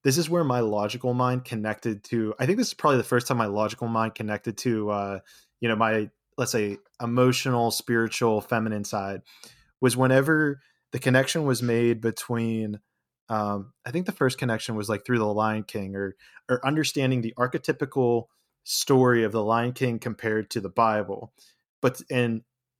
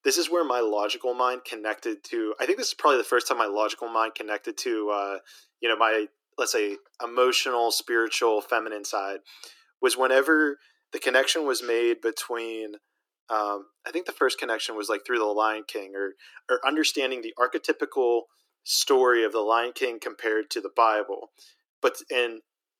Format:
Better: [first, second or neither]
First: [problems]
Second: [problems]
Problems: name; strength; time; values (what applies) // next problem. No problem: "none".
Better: first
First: none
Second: thin; very; fading below 300 Hz